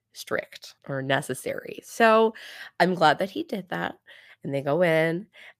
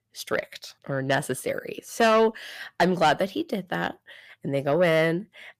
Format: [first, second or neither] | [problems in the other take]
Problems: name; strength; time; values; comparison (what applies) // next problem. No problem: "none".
first | distortion; slight; 10 dB below the speech